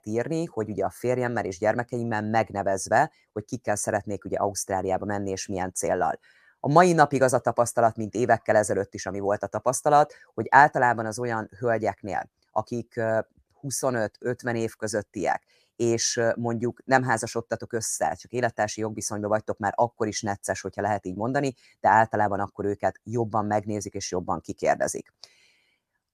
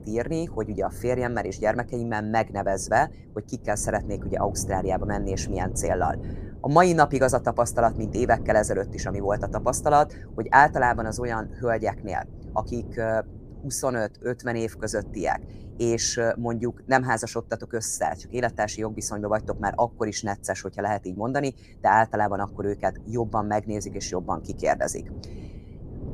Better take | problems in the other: first | wind noise on the microphone; occasional gusts; 20 dB below the speech

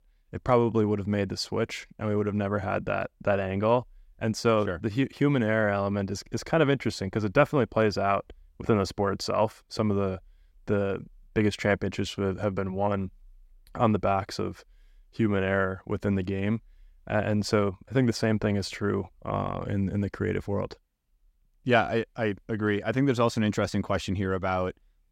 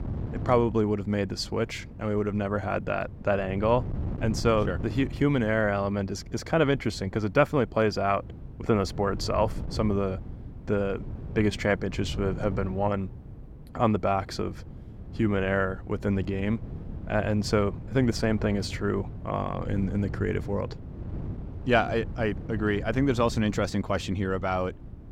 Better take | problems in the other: first | wind noise on the microphone; occasional gusts; 20 dB below the speech

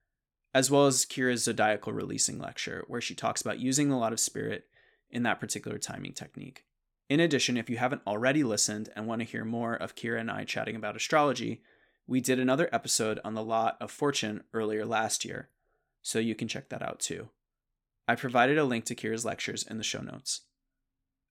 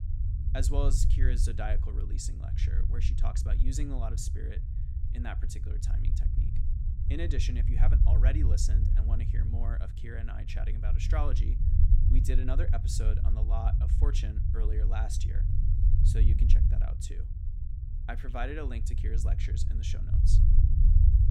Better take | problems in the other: first | low rumble; loud; throughout; 5 dB below the speech

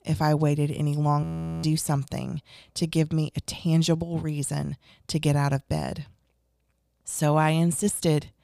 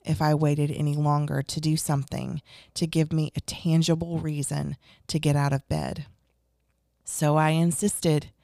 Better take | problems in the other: second | audio freezing; at 1 s

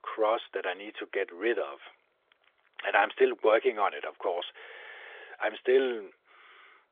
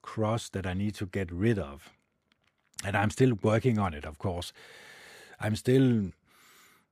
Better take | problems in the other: second | phone-call audio; nothing above 3.5 kHz

